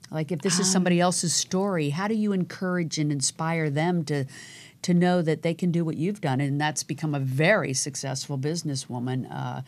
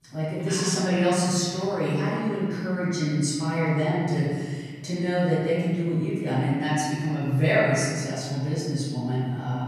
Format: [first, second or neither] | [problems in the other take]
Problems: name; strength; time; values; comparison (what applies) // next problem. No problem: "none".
first | off-mic speech; far // room echo; strong; dies away in 1.6 s